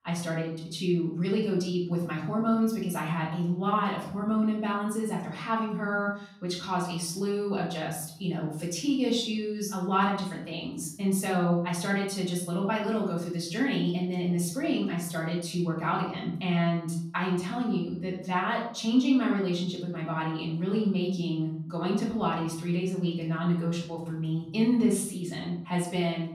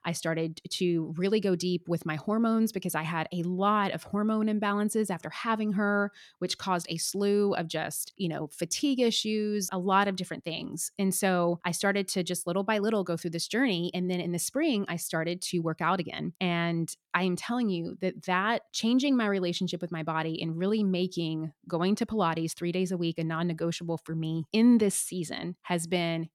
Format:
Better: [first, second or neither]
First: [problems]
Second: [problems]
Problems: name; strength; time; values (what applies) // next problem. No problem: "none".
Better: second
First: off-mic speech; far // room echo; noticeable; dies away in 0.7 s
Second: none